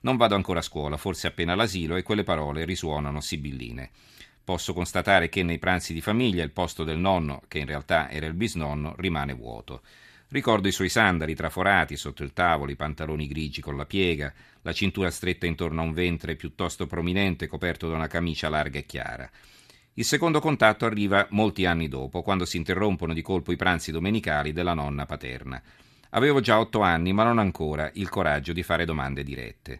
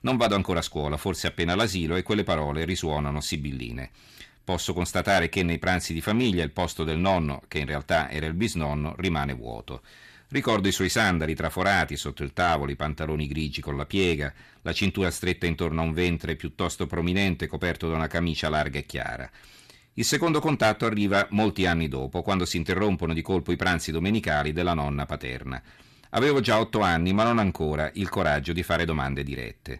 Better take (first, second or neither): first